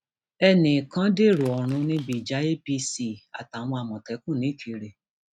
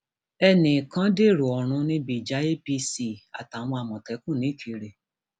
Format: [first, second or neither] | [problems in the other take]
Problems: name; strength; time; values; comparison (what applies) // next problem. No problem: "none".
second | noise reduction (neural mask model RNNoise)